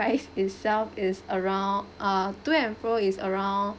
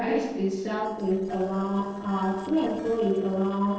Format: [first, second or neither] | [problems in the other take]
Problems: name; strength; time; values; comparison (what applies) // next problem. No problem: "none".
first | noise reduction (neural separator model SepFormer DNS4)